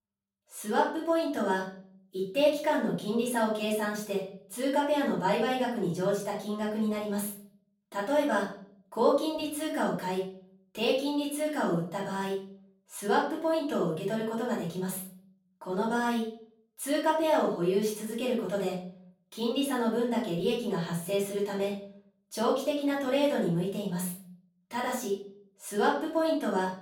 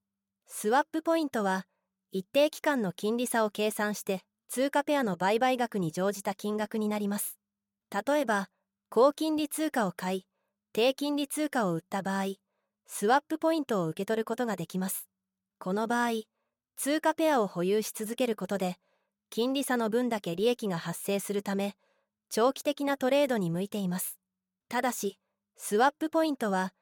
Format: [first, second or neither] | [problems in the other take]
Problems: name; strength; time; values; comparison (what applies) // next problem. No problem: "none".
second | off-mic speech; far // room echo; noticeable; dies away in 0.5 s